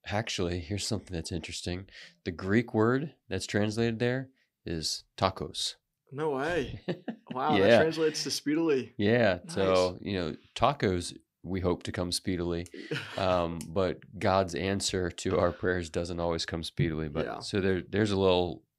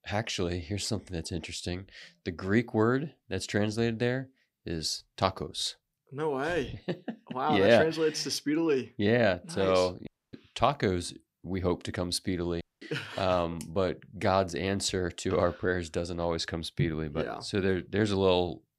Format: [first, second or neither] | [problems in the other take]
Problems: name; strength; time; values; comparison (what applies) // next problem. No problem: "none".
first | audio cutting out; at 10 s and at 13 s